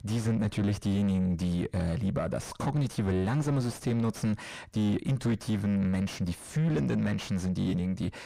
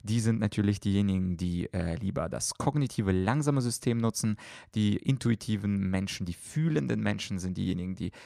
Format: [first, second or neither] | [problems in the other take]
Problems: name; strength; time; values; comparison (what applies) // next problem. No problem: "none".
second | distortion; heavy; 7 dB below the speech